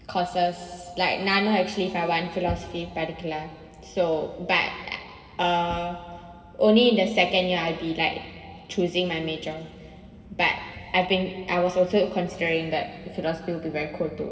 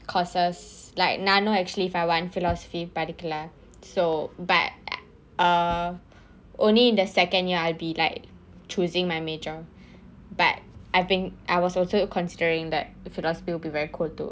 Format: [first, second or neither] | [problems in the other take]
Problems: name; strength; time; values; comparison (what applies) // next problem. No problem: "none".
second | room echo; dies away in 2.1 s